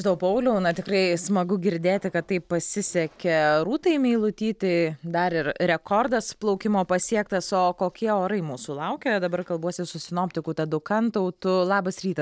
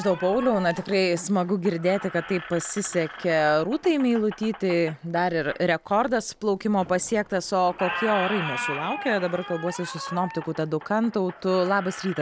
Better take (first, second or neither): first